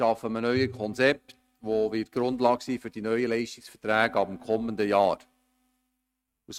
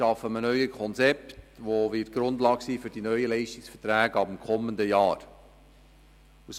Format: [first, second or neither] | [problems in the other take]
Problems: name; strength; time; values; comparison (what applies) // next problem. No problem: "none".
second | noise reduction (neural mask model RNNoise)